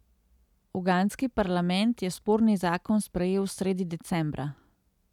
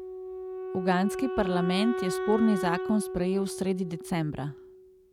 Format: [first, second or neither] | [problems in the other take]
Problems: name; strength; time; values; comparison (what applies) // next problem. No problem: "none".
first | background sound (Wind instrument, woodwind instrument); 5 dB below the speech